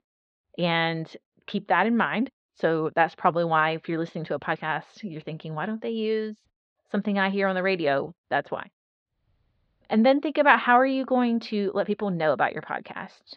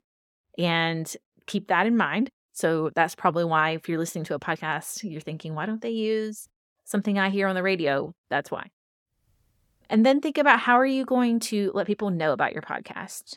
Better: second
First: muffled; very slightly; fading above 4 kHz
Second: none

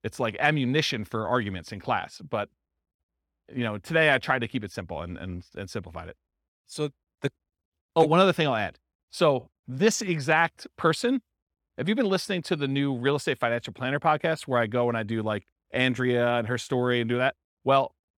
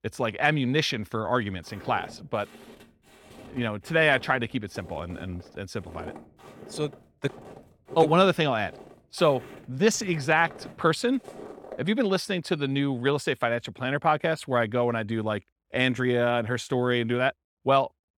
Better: first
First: none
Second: footsteps; faint; from 1.5 to 12 s; peak 15 dB below the speech

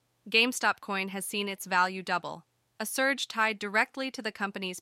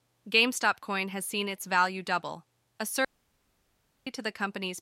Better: first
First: none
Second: audio cutting out; at 3 s for 1 s

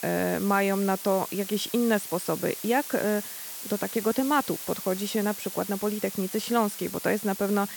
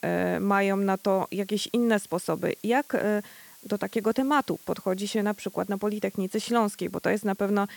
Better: second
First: hiss; loud; throughout; 8 dB below the speech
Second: hiss; faint; throughout; 20 dB below the speech

